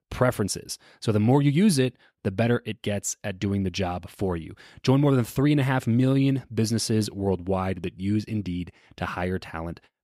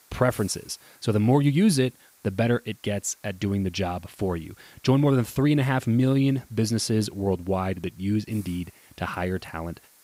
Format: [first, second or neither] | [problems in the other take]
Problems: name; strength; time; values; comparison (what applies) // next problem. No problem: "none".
first | hiss; faint; throughout; 30 dB below the speech